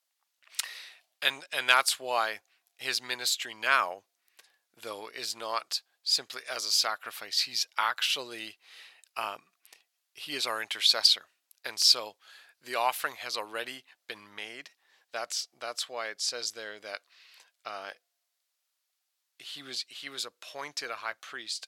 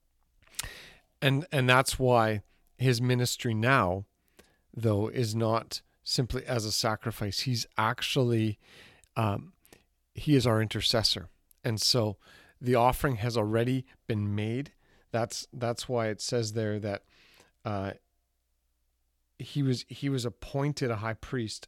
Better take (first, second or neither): second